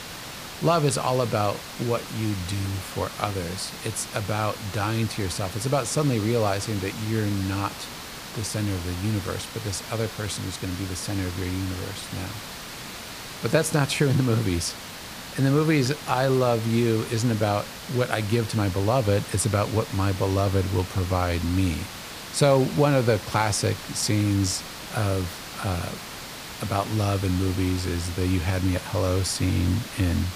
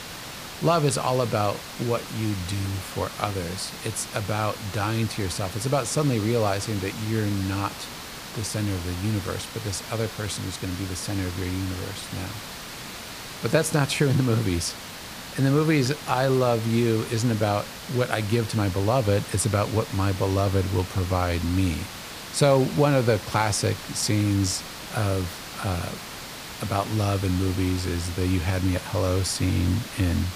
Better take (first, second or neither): neither